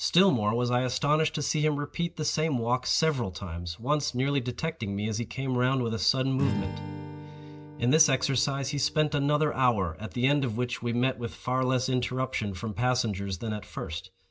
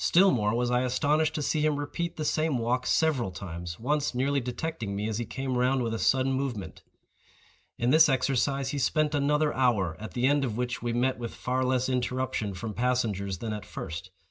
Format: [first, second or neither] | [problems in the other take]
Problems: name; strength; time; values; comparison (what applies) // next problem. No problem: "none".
second | background sound (Strum); 16 dB below the speech